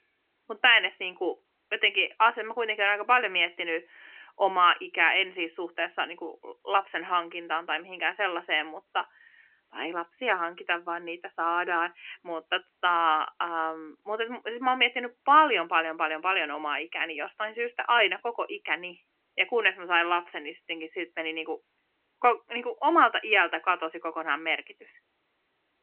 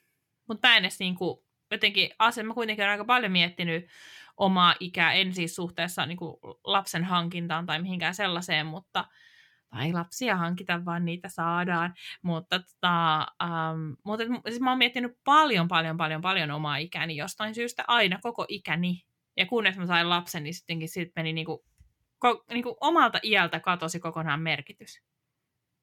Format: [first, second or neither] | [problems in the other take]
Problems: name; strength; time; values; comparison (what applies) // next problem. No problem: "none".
second | phone-call audio; nothing above 3 kHz